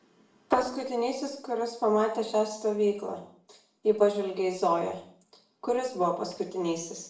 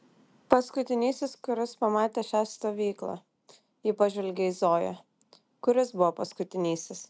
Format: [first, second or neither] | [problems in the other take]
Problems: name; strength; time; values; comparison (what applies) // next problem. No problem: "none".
second | room echo; dies away in 0.5 s